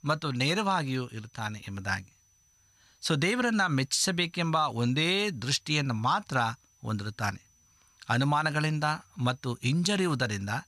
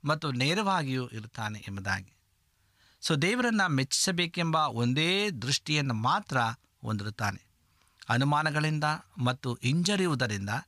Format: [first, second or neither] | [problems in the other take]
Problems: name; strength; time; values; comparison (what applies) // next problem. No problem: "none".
second | high-pitched whine; faint; throughout; 6 kHz, 35 dB below the speech